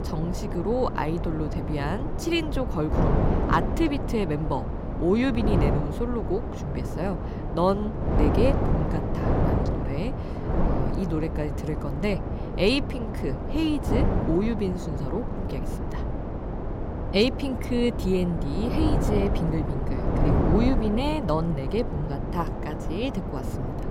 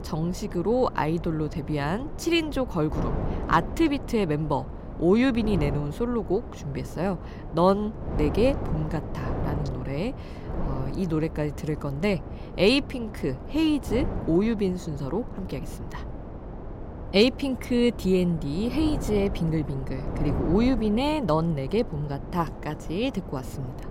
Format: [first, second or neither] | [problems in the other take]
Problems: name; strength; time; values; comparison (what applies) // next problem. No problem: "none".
second | wind noise on the microphone; heavy; 3 dB below the speech; occasional gusts in the second